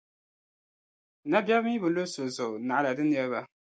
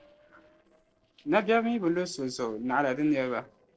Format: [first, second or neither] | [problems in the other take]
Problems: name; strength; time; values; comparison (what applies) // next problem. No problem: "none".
first | noise reduction (neural separator model SepFormer DNS4)